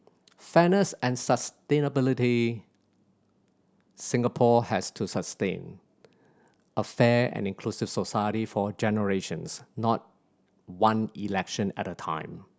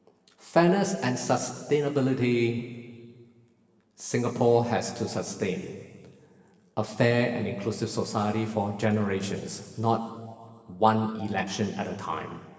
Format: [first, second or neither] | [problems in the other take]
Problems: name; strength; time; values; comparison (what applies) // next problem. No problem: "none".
first | room echo; dies away in 1.9 s